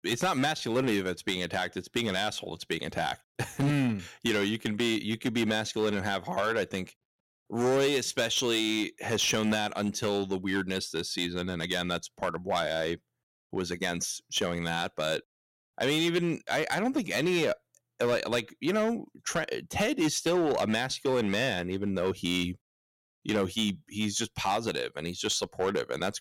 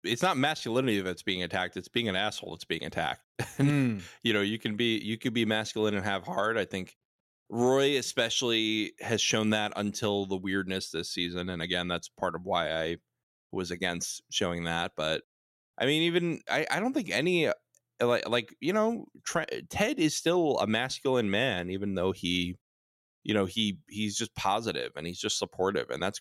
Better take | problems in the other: second | distortion; slight; 6% of the sound clipped

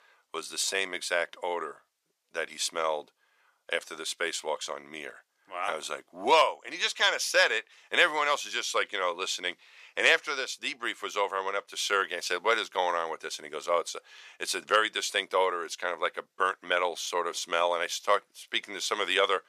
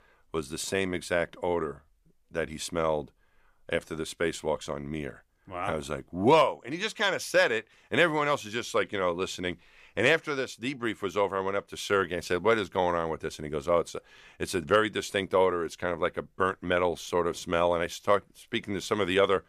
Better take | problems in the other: second | thin; very; fading below 600 Hz

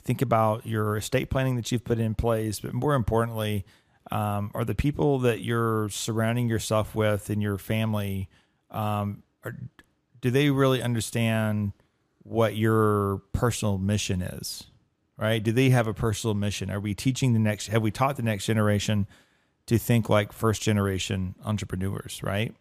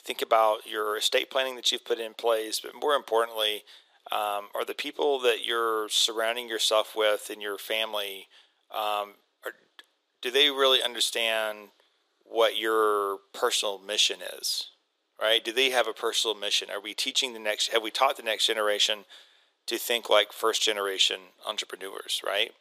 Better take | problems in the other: first | thin; very; fading below 400 Hz

